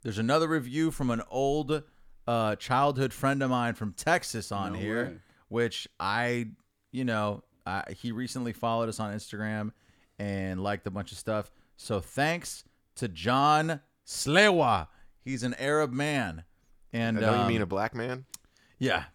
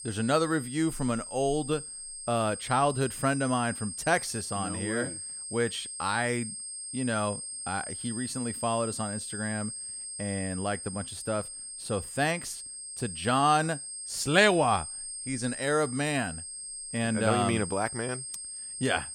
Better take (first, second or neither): first